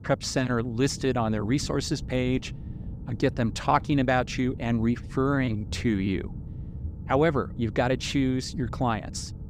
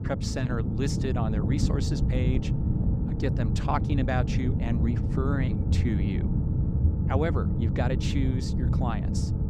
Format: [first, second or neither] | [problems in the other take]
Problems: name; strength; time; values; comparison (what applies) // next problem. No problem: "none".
first | low rumble; loud; throughout; 4 dB below the speech; faint in the first